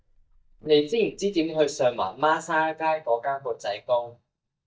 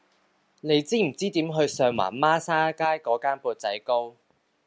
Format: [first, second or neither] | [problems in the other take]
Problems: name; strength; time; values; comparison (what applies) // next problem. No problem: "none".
second | noise reduction (neural mask model DeepFilterNet 3)